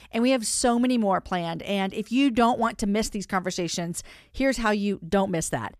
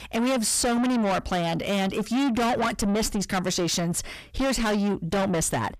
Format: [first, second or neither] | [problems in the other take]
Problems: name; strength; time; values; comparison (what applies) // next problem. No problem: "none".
first | distortion; heavy; 6 dB below the speech